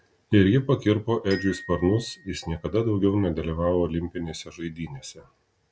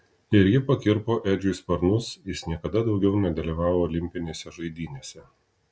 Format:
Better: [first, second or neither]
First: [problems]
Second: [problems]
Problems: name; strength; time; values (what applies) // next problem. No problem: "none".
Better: second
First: background sound (Glockenspiel); 20 dB below the speech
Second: none